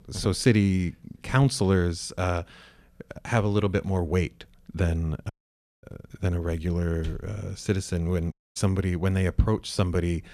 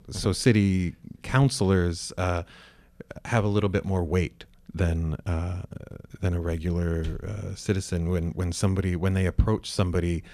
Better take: second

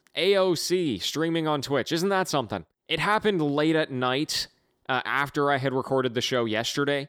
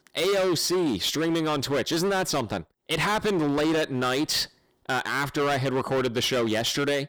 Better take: first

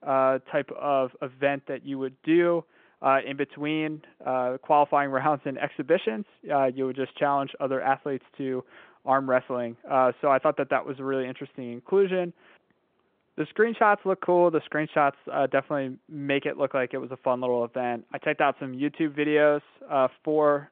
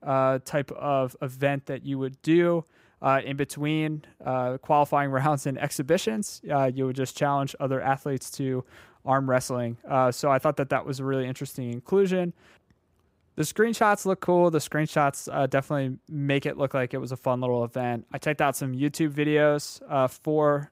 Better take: second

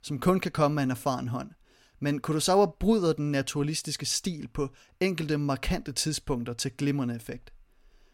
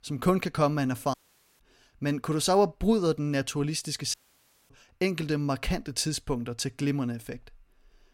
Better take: first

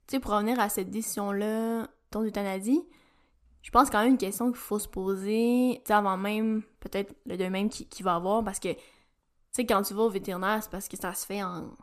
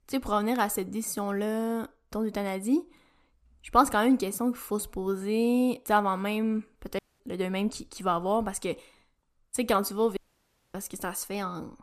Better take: first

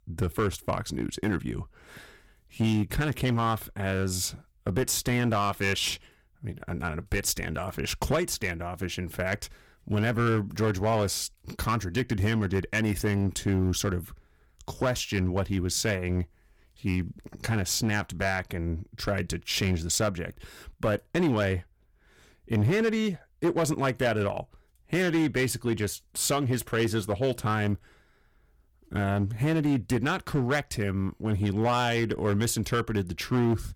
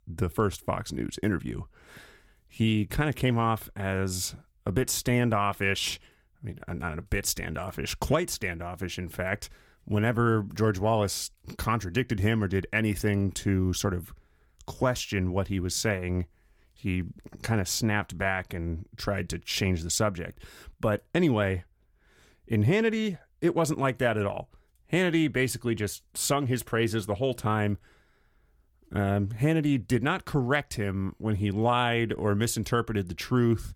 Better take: second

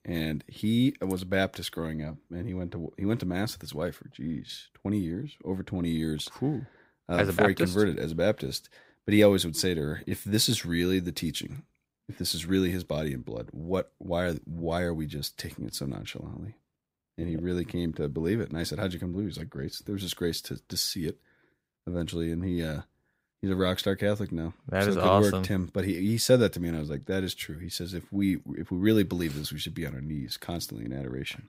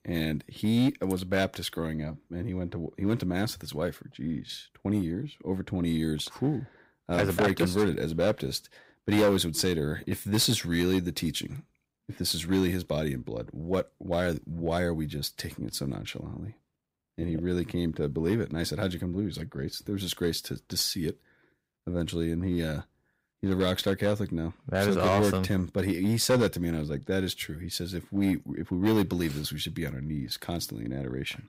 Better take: first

